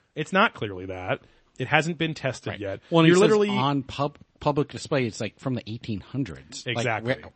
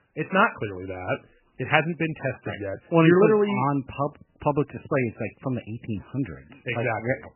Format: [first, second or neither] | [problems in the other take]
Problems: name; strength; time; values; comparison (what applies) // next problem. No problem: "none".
first | garbled, watery; badly; nothing above 3 kHz; slightly in the first